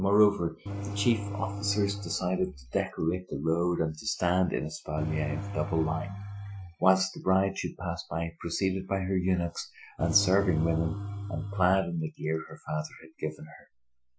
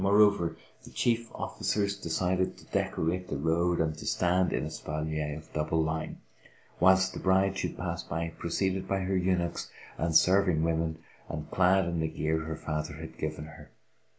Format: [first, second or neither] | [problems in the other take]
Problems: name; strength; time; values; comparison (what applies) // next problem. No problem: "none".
second | noise reduction (classical method Wiener filter)